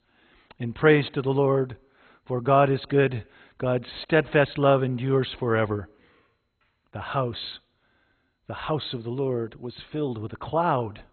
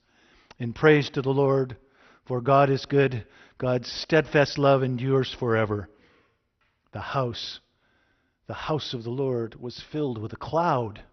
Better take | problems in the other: second | garbled, watery; badly; nothing above 4 kHz; slightly in the second

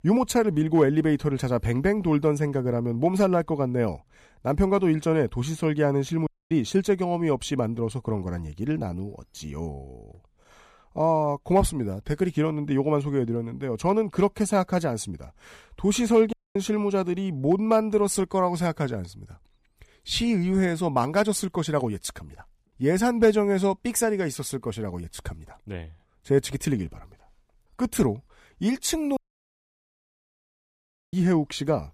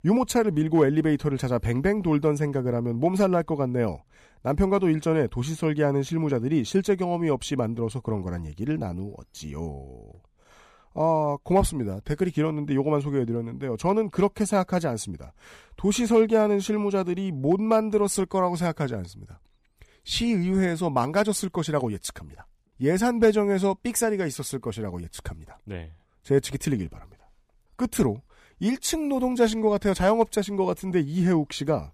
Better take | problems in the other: second | audio cutting out; at 6.5 s, at 16 s and at 29 s for 2 s

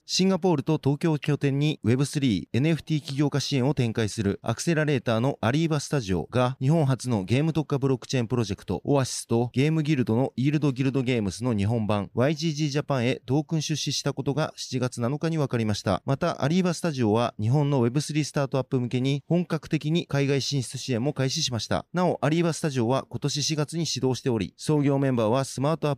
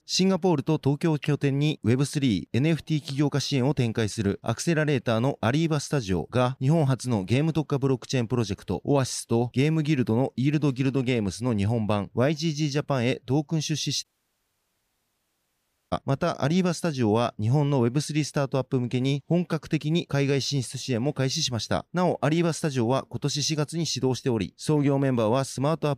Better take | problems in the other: first | audio cutting out; at 14 s for 2 s

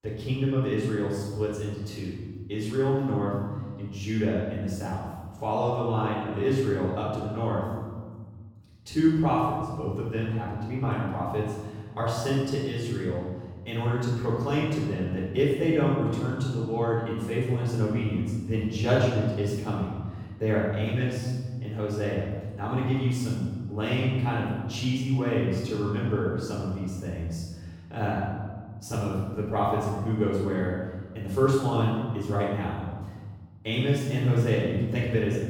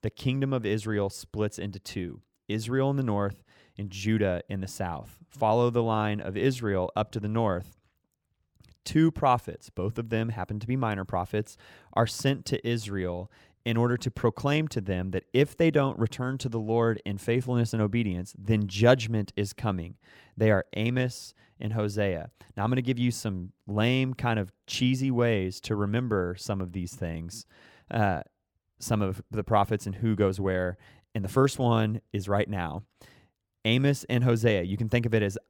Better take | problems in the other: second | off-mic speech; far // room echo; strong; dies away in 1.5 s

